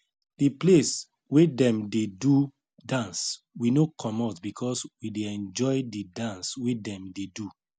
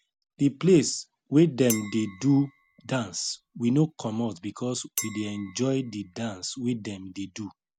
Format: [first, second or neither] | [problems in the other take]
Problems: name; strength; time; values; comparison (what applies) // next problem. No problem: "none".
first | background sound (Chink, clink); 15 dB below the speech